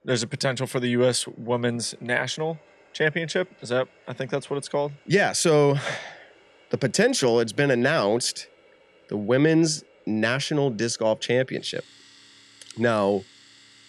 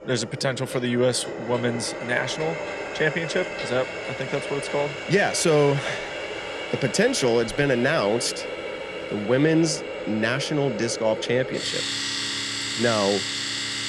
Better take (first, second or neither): first